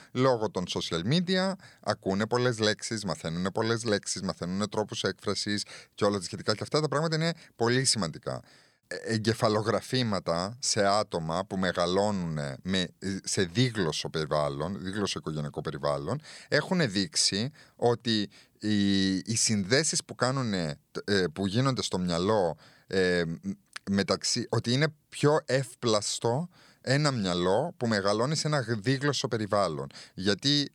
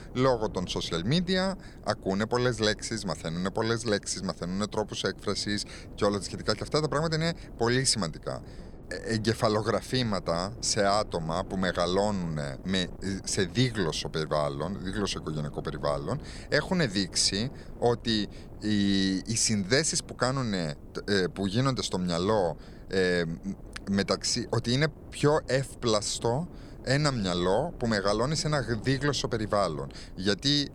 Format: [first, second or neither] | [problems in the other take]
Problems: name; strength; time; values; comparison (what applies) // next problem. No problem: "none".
first | wind noise on the microphone; occasional gusts; 20 dB below the speech